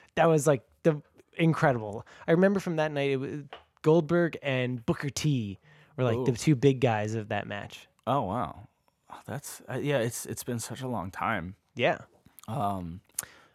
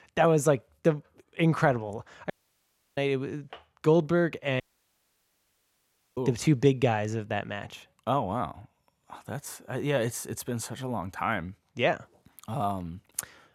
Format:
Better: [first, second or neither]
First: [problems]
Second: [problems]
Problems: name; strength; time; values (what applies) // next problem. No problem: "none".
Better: first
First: none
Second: audio cutting out; at 2.5 s for 0.5 s and at 4.5 s for 1.5 s